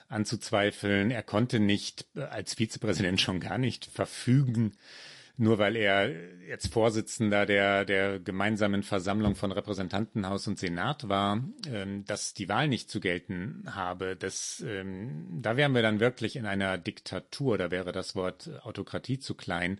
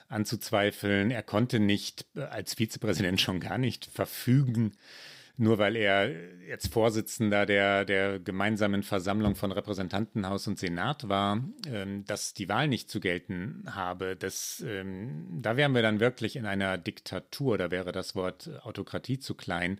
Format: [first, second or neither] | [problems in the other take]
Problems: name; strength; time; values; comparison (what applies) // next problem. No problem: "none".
second | garbled, watery; slightly; nothing above 11 kHz